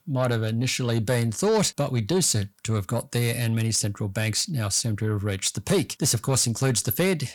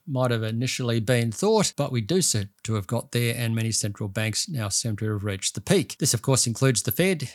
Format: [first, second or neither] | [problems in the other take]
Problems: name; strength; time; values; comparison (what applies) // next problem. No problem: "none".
second | distortion; slight; 10 dB below the speech